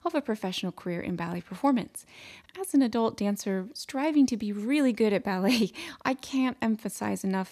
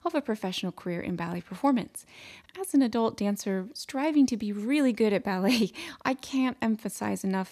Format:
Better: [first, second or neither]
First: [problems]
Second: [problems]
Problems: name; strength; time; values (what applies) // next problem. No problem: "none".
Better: neither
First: none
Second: none